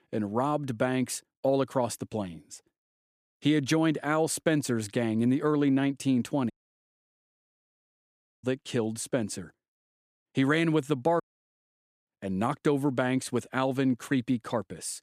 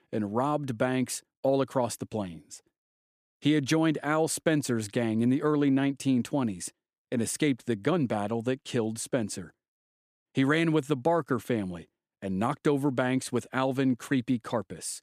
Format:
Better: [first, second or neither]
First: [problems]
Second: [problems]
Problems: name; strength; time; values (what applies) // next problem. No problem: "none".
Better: second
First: audio cutting out; at 6.5 s for 2 s and at 11 s for 1 s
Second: none